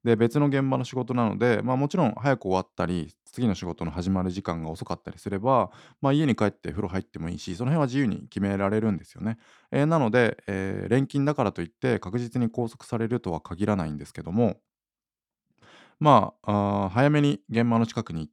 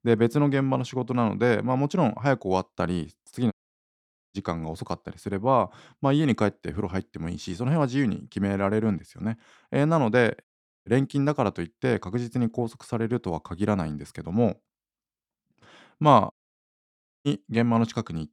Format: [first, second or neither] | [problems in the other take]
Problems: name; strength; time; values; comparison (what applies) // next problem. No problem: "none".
first | audio cutting out; at 3.5 s for 1 s, at 10 s and at 16 s for 1 s